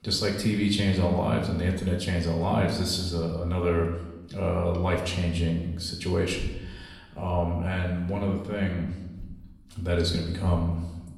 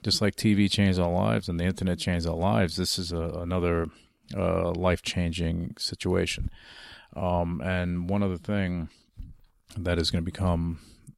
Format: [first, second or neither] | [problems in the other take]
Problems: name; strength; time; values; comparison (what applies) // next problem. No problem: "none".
second | room echo; slight; dies away in 0.9 s // off-mic speech; far